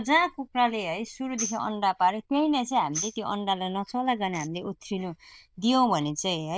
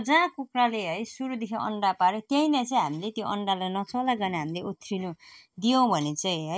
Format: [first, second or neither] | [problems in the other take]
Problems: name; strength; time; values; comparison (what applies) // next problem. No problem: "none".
second | noise reduction (neural diffusion model UNIVERSE++)